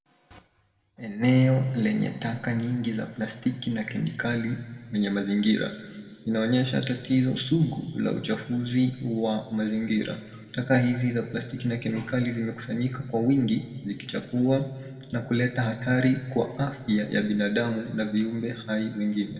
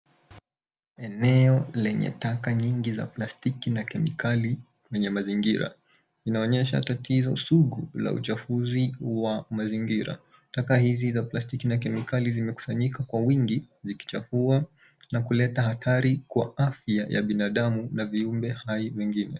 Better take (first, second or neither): second